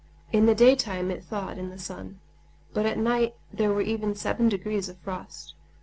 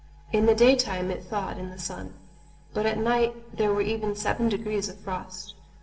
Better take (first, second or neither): first